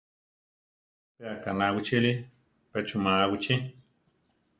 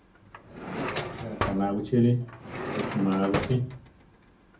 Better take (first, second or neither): first